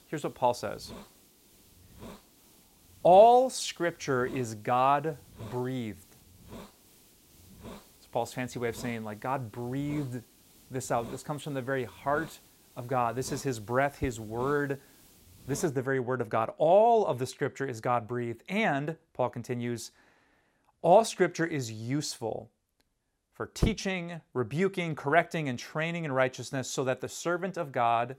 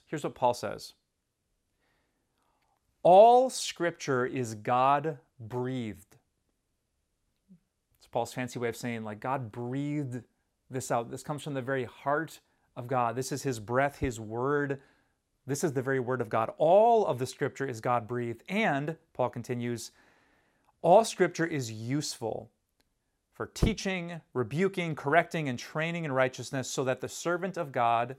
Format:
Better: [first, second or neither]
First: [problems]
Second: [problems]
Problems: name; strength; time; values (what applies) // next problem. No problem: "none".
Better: second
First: hiss; faint; until 16 s; 20 dB below the speech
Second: none